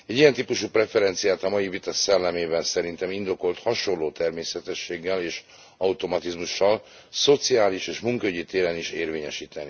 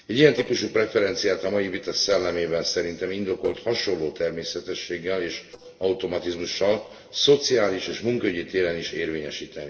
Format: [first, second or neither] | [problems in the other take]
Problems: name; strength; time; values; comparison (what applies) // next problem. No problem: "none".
first | noise reduction (neural separator model SepFormer DNS4)